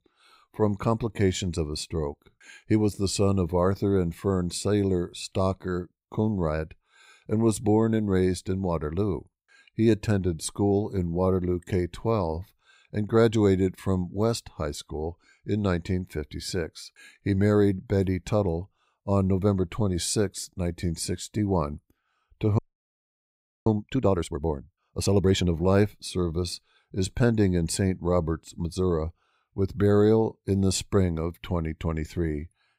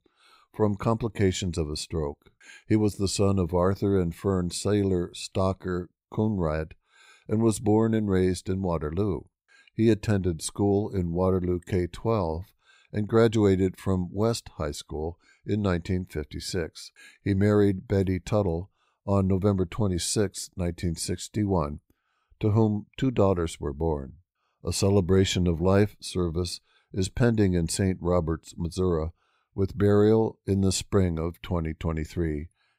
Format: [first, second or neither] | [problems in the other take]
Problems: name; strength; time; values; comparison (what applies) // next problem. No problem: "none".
second | audio freezing; at 23 s for 1 s